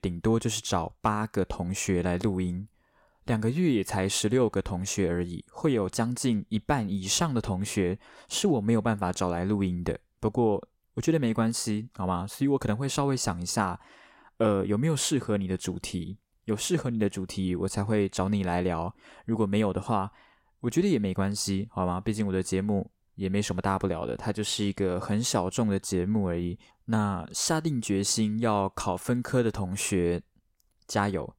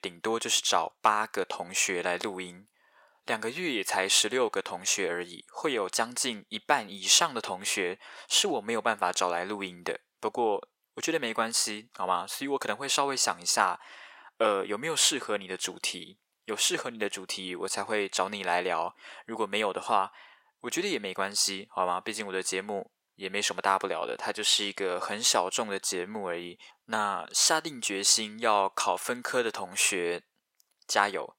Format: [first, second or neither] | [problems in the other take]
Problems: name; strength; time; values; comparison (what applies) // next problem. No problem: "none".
first | thin; very; fading below 600 Hz